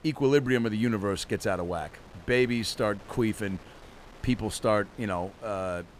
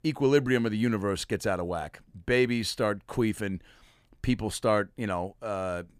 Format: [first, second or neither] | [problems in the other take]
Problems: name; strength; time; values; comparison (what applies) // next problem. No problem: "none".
second | wind noise on the microphone; occasional gusts; 20 dB below the speech